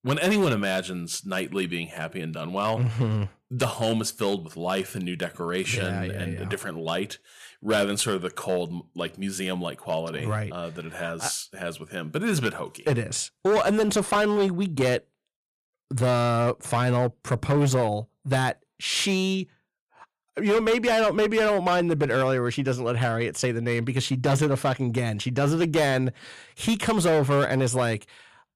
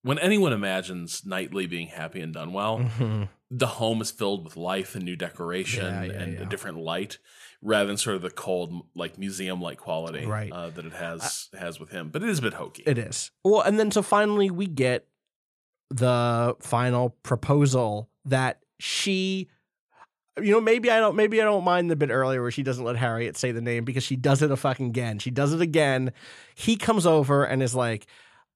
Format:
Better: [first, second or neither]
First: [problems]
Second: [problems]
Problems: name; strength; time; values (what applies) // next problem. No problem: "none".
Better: second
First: distortion; slight; 8% of the sound clipped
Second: none